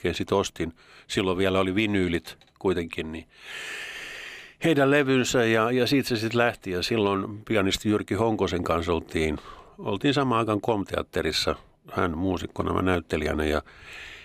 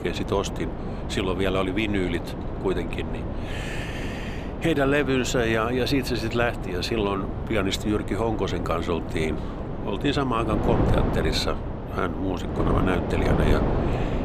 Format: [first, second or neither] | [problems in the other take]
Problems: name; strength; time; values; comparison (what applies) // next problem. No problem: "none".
first | wind noise on the microphone; heavy; 6 dB below the speech